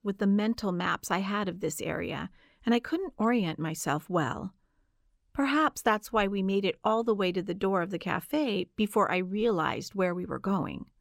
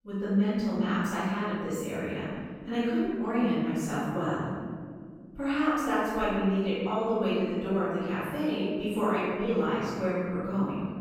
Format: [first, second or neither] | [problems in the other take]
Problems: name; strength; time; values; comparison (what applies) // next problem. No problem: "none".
first | off-mic speech; far // room echo; strong; dies away in 1.9 s